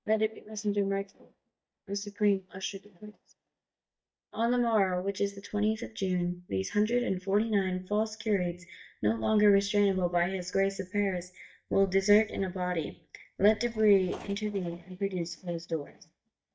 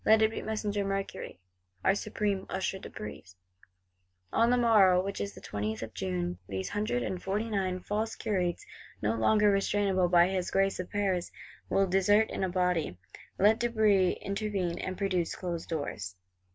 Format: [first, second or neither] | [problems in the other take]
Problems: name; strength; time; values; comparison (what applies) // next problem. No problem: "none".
second | noise reduction (neural mask model DeepFilterNet 3)